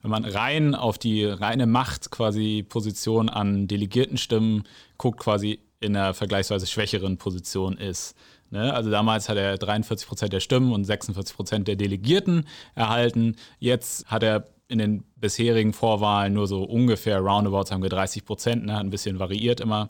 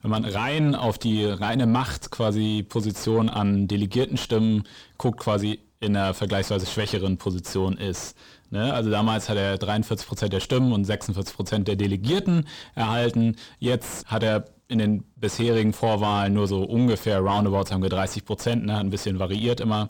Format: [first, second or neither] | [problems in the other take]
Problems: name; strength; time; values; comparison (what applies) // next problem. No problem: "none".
first | distortion; slight; 10 dB below the speech